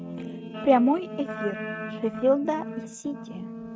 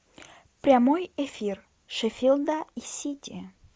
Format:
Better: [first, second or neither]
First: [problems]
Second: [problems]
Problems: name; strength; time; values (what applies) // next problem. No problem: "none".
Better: second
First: noise reduction (neural mask model RNNoise)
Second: none